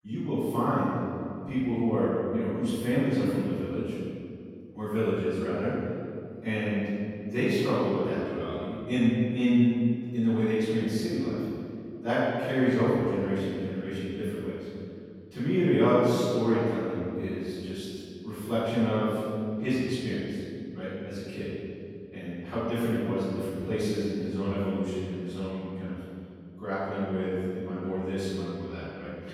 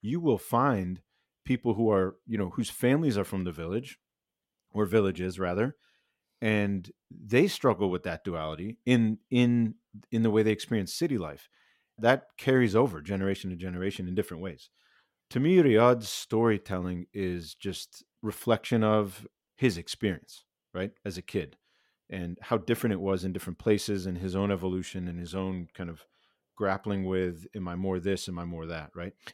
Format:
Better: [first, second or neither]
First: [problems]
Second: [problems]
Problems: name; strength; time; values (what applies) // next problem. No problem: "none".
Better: second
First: off-mic speech; far // room echo; strong; dies away in 2.3 s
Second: none